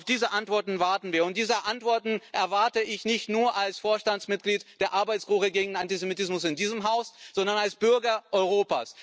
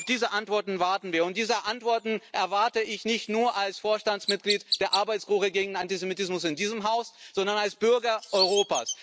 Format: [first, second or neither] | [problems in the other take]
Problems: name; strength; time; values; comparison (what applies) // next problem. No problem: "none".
first | background sound (Chirp, tweet); 11 dB below the speech